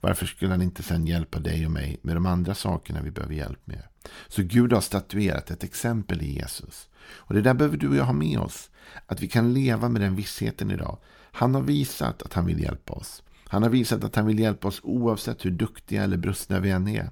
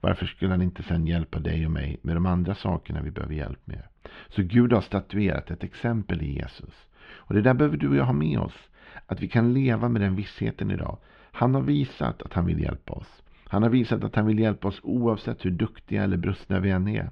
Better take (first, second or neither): first